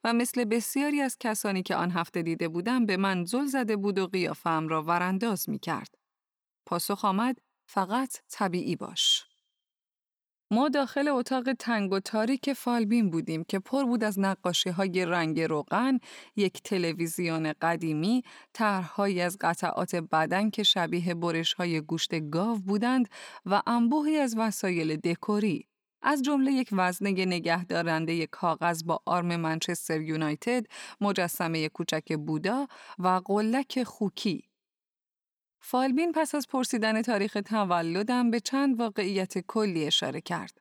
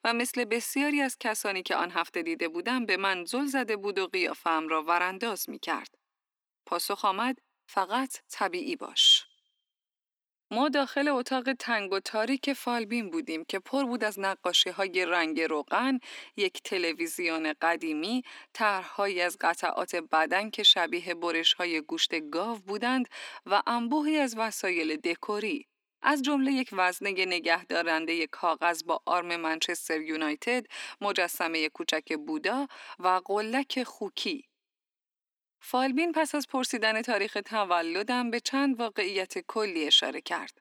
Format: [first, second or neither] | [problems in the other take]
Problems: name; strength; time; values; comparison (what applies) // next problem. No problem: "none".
first | thin; very slightly; fading below 250 Hz